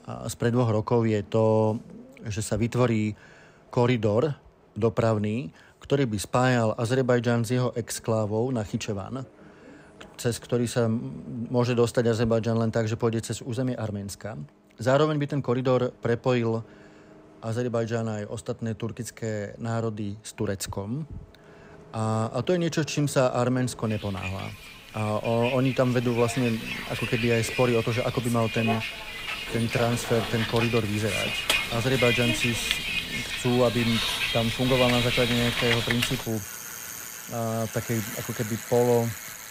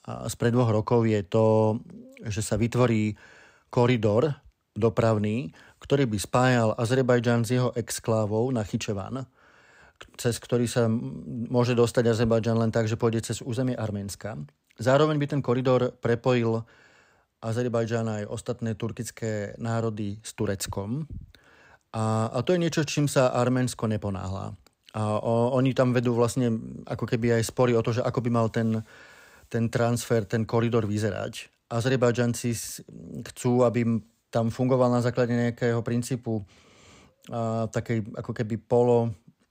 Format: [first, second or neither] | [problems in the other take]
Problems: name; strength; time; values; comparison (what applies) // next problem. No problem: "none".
second | traffic noise; loud; throughout; 3 dB below the speech